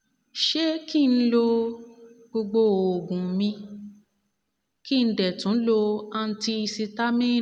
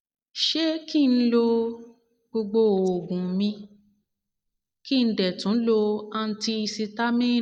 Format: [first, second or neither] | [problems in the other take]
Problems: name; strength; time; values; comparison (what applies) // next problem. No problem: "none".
first | noise reduction (neural mask model DeepFilterNet 3)